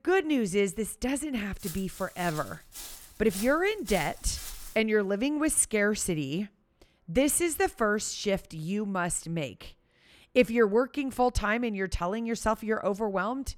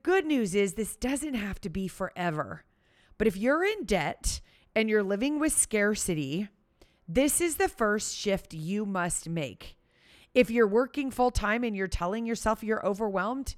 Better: second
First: footsteps; faint; from 1.5 to 5 s; peak 10 dB below the speech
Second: none

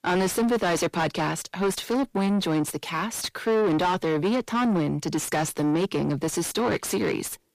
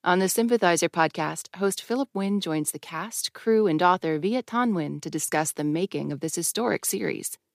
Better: second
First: distortion; heavy; 6 dB below the speech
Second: none

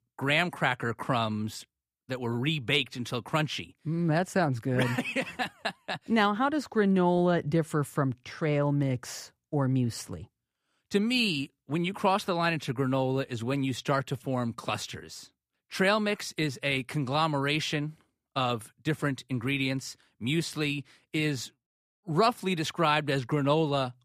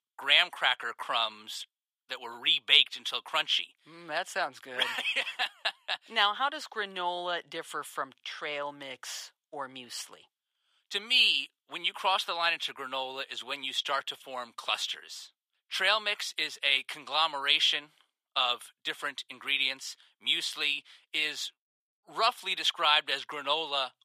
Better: first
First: none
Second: thin; very; fading below 900 Hz

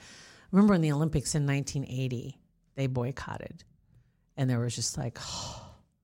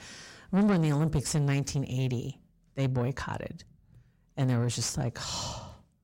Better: first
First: none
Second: distortion; slight; 10 dB below the speech

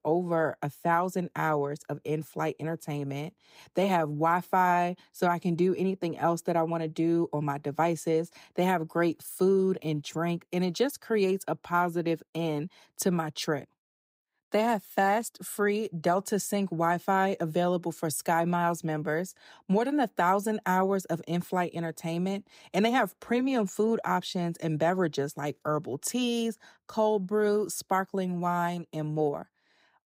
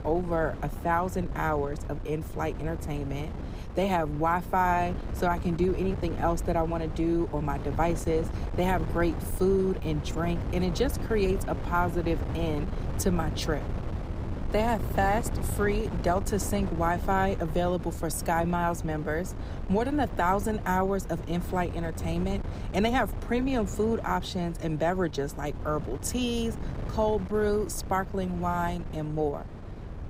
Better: first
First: none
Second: wind noise on the microphone; occasional gusts; 15 dB below the speech

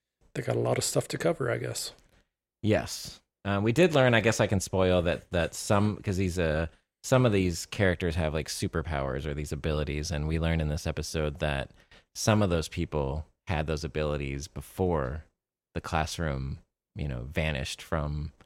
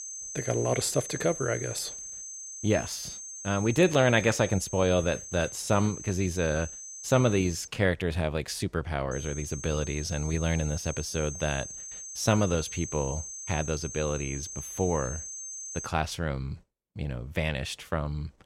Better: first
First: none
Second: high-pitched whine; loud; until 7.5 s and from 9 to 16 s; 6.5 kHz, 9 dB below the speech

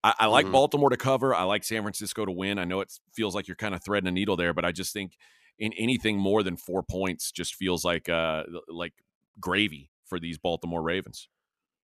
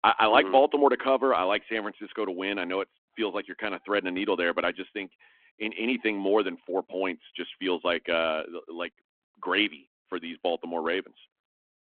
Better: first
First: none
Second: phone-call audio

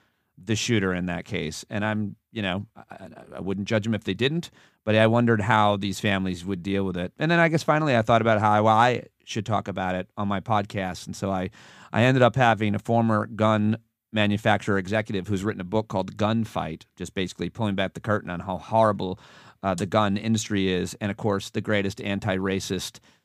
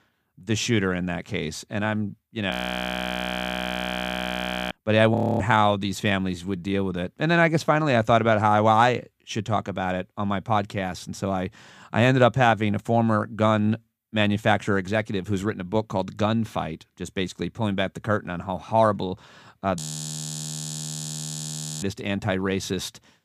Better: first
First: none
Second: audio freezing; at 2.5 s for 2 s, at 5 s and at 20 s for 2 s

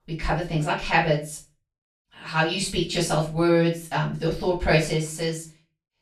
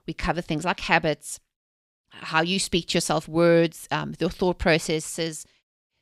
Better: second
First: off-mic speech; far // room echo; slight; dies away in 0.3 s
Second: none

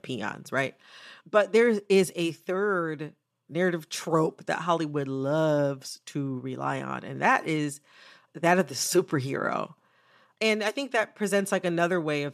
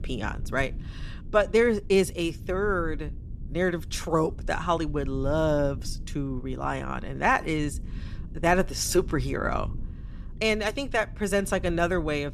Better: first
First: none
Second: low rumble; faint; throughout; 25 dB below the speech

